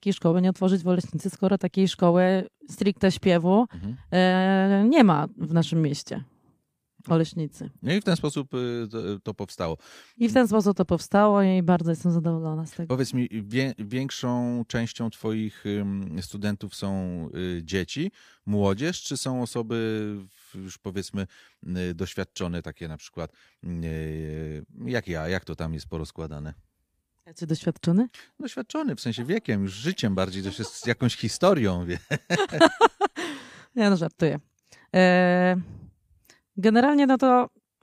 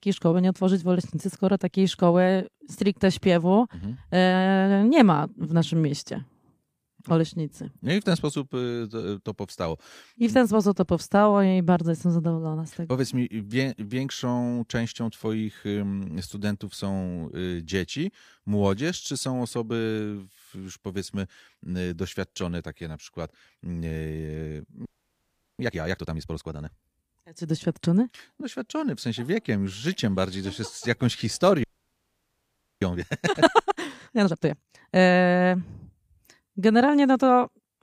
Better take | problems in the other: first | audio freezing; at 25 s for 0.5 s and at 32 s for 1 s

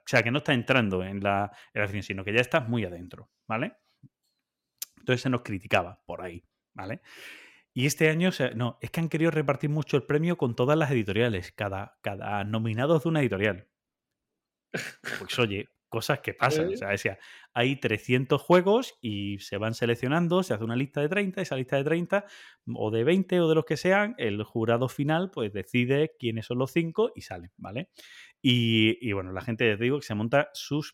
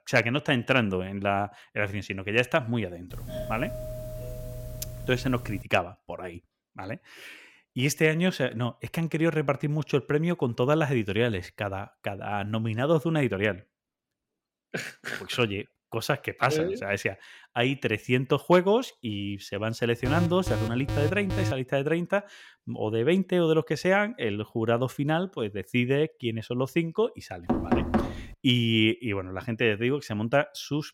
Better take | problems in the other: first | doorbell; noticeable; from 3 to 5.5 s; peak 9 dB below the speech // alarm; noticeable; from 20 to 22 s; peak 4 dB below the speech // door banging; loud; at 27 s; peak 1 dB above the speech

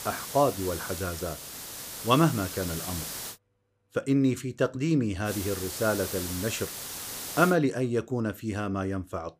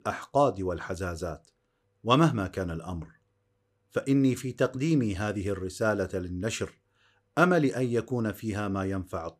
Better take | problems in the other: second | hiss; loud; until 3.5 s and from 5.5 to 7.5 s; 7 dB below the speech

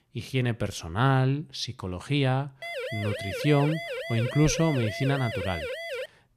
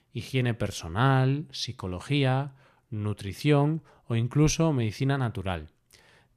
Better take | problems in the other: second | siren; noticeable; from 2.5 s on; peak 6 dB below the speech

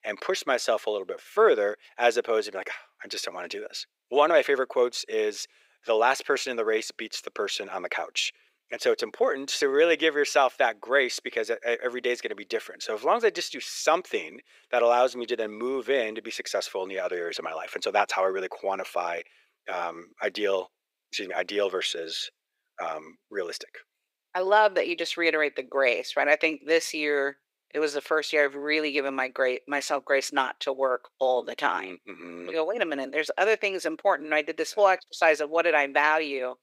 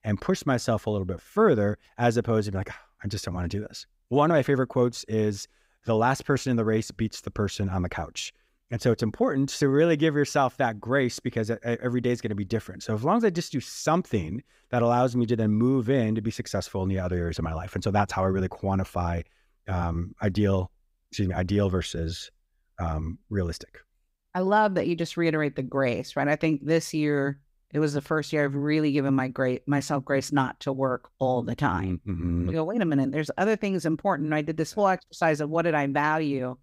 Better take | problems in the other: second | thin; very; fading below 400 Hz

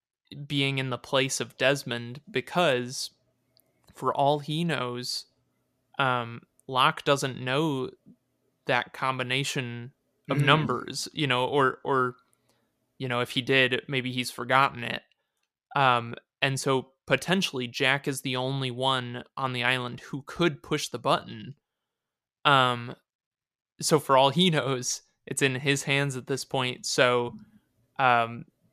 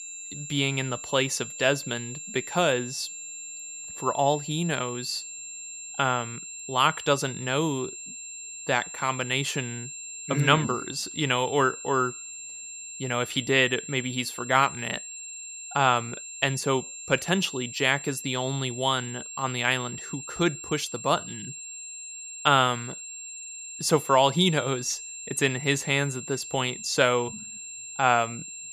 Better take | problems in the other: first | high-pitched whine; noticeable; throughout; 7.5 kHz, 10 dB below the speech

